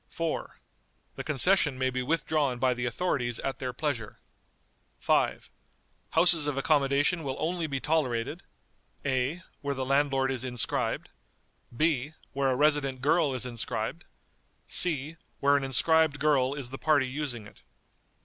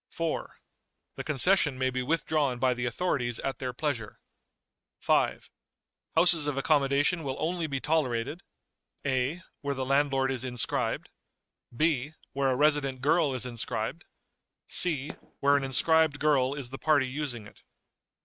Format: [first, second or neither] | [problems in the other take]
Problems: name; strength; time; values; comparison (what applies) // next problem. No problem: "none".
first | noise reduction (neural mask model RNNoise)